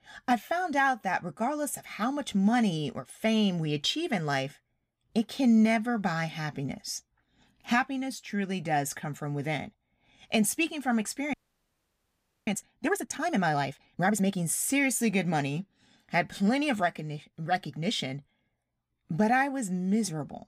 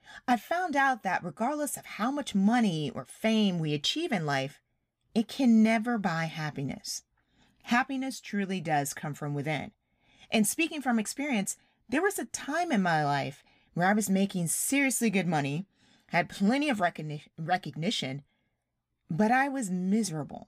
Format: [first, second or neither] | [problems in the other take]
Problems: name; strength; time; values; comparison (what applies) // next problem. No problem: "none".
second | audio freezing; at 11 s for 1 s